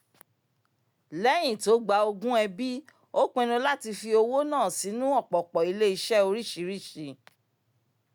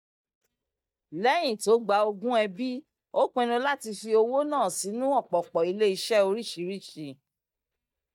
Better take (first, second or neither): first